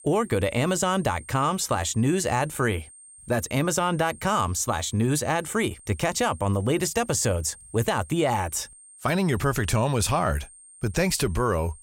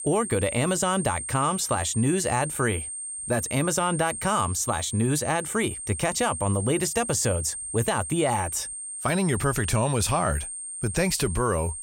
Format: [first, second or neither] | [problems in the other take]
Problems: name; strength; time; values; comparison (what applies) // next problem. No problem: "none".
first | high-pitched whine; loud; throughout; 8.5 kHz, 6 dB below the speech; faint in the first